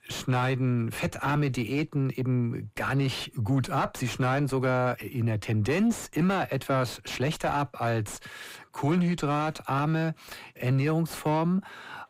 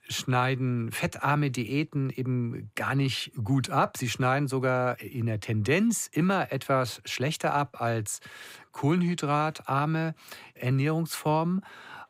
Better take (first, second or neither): second